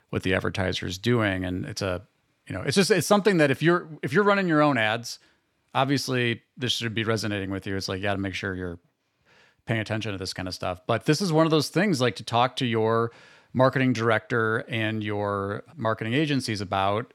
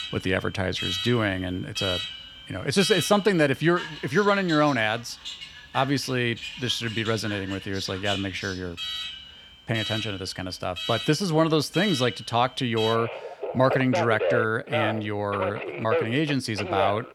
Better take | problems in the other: first | alarms or sirens; loud; throughout; 6 dB below the speech

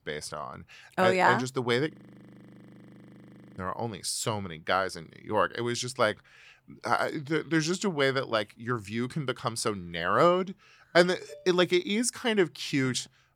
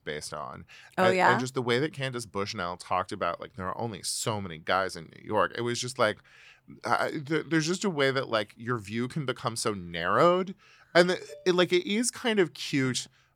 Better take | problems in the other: second | audio freezing; at 2 s for 1.5 s

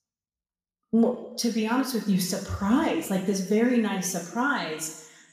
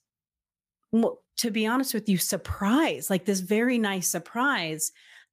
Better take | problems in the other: second | room echo; slight; dies away in 0.9 s // off-mic speech; somewhat distant

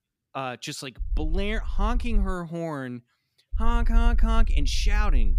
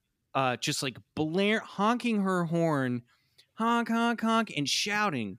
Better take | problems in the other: second | low rumble; faint; from 1 to 2.5 s and from 3.5 s on; 20 dB below the speech

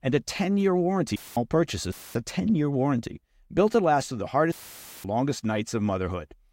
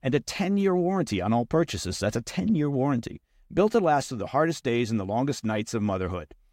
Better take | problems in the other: second | audio cutting out; filled with static; at 1 s, at 2 s and at 4.5 s for 0.5 s

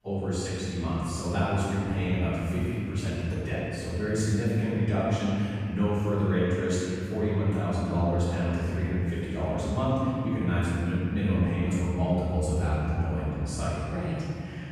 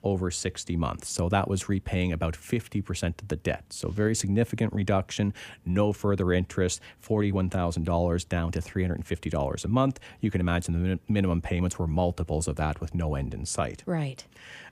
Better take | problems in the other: second | off-mic speech; far // room echo; strong; dies away in 2.8 s

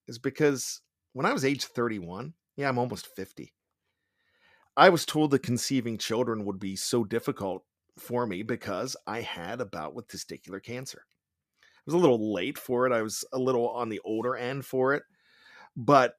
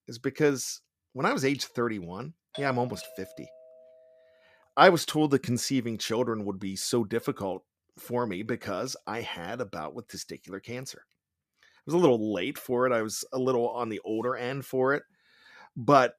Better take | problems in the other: first | doorbell; faint; from 2.5 to 4 s; peak 15 dB below the speech

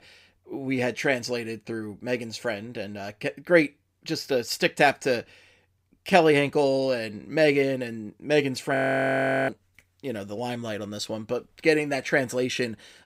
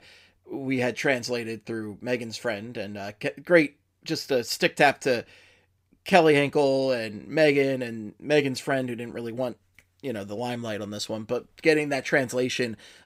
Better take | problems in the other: second | audio freezing; at 9 s for 0.5 s

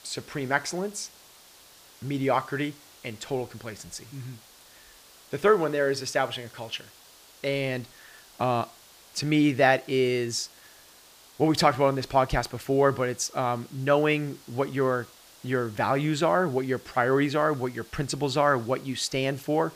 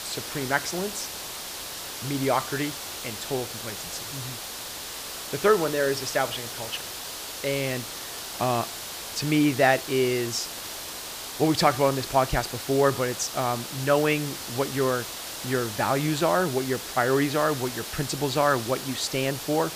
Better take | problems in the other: first | hiss; loud; throughout; 8 dB below the speech; faint in the first

